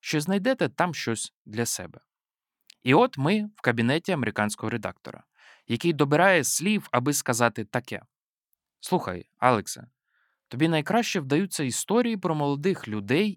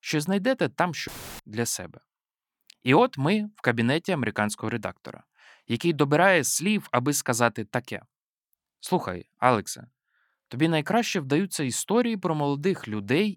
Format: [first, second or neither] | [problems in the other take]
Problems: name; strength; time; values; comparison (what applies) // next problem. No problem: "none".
first | audio cutting out; filled with static; at 1 s